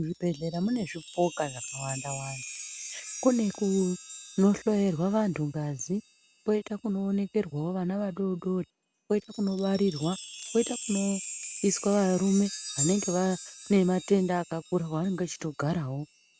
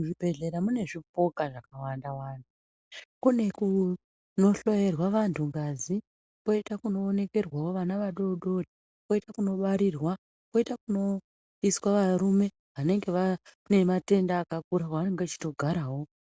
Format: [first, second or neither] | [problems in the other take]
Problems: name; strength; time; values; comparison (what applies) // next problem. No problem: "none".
second | background sound (Chime); 12 dB below the speech